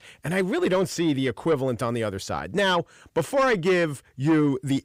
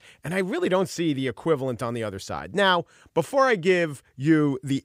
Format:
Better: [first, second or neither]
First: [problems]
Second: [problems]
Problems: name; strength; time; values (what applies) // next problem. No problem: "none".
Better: second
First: distortion; slight; 10 dB below the speech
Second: none